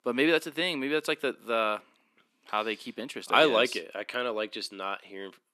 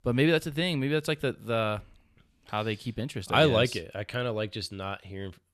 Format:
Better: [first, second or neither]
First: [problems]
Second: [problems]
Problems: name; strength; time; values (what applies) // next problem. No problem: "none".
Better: second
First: thin; somewhat; fading below 250 Hz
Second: none